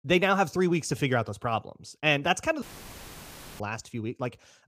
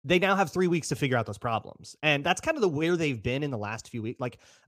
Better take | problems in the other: second | audio cutting out; filled with static; at 2.5 s for 1 s

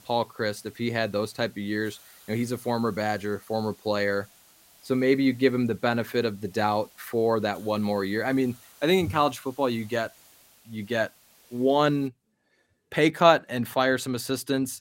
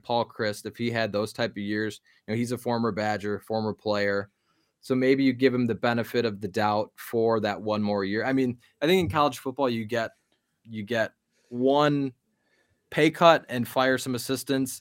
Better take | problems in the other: second | hiss; faint; until 12 s; 25 dB below the speech

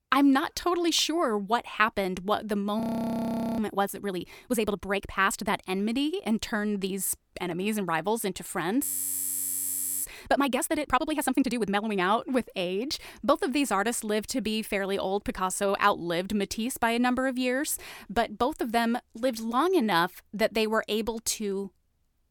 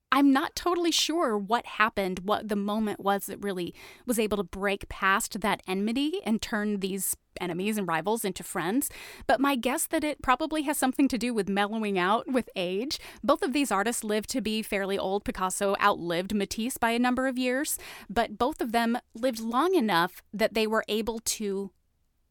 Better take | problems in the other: second | audio freezing; at 3 s for 1 s and at 9 s for 1 s

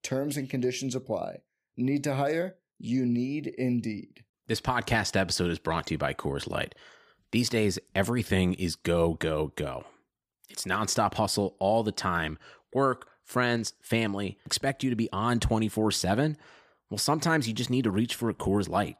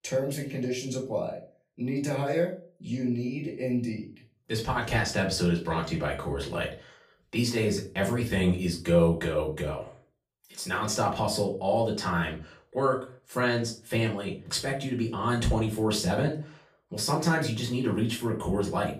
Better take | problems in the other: first | room echo; slight; dies away in 0.3 s // off-mic speech; far

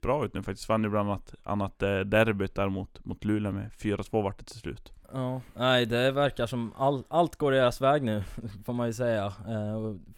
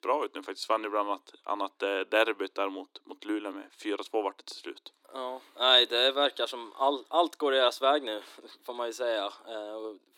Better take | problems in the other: first | thin; somewhat; fading below 300 Hz

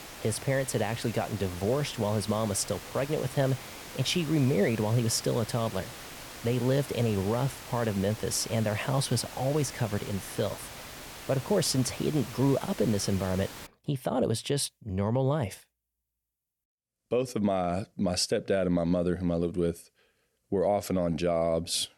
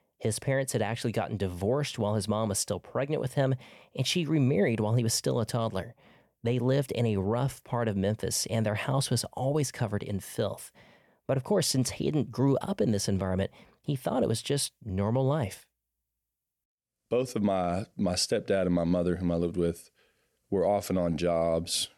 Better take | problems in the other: second | hiss; noticeable; until 14 s; 15 dB below the speech

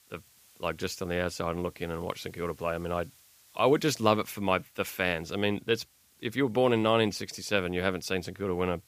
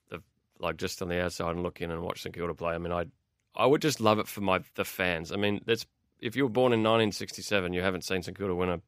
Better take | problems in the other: second | hiss; faint; throughout; 30 dB below the speech

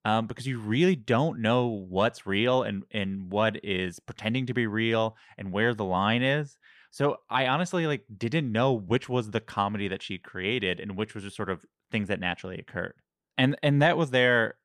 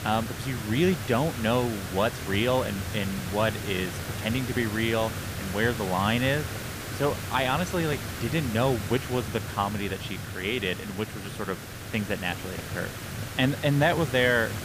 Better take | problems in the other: first | hiss; loud; throughout; 7 dB below the speech

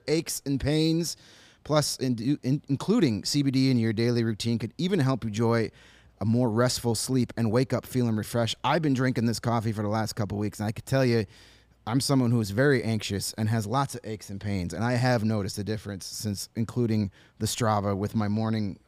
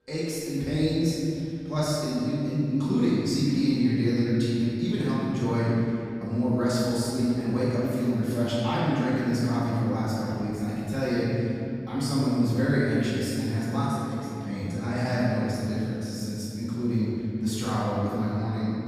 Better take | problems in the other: first | off-mic speech; far // room echo; strong; dies away in 2.8 s

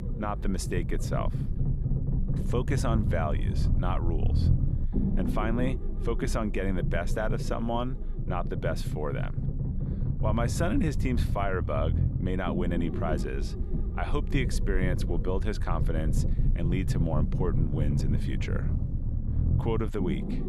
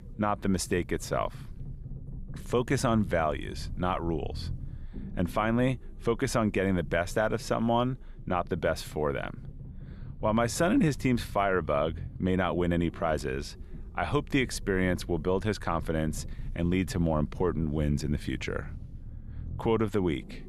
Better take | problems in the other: second | low rumble; loud; throughout; 8 dB below the speech; faint in the second

